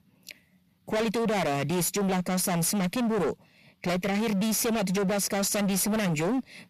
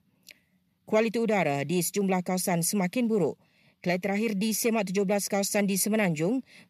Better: second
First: distortion; heavy; 33% of the sound clipped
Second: none

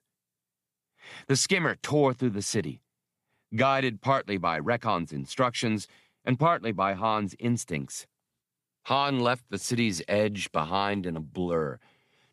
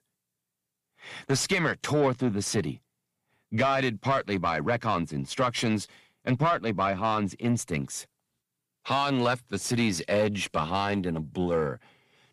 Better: first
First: none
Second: distortion; slight; 10 dB below the speech

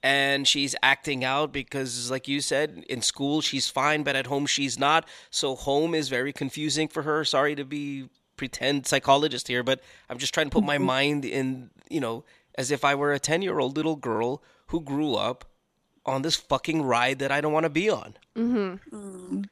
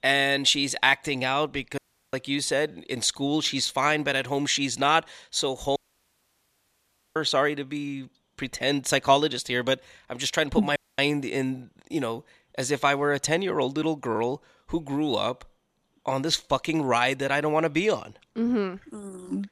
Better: first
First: none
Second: audio cutting out; at 2 s, at 6 s for 1.5 s and at 11 s

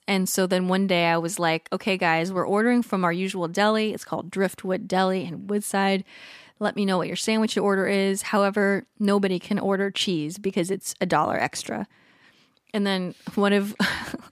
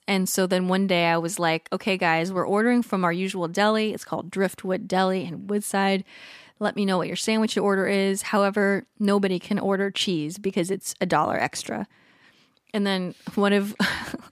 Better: neither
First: none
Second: none

